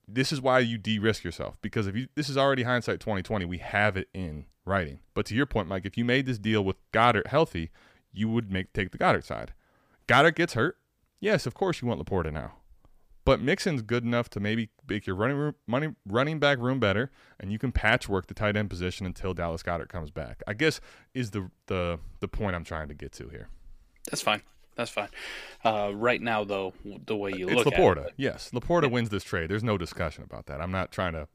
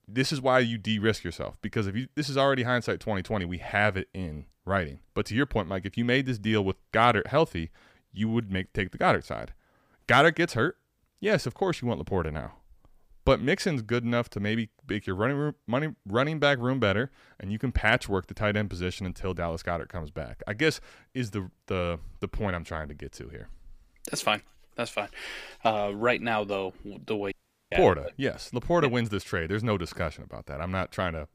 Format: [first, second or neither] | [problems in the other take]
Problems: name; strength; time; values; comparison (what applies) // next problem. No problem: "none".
first | audio cutting out; at 27 s